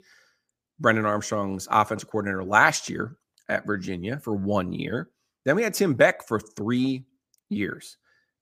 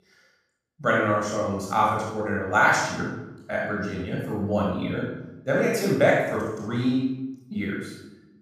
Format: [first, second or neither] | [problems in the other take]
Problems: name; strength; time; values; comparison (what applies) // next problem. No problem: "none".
first | room echo; strong; dies away in 0.8 s // off-mic speech; far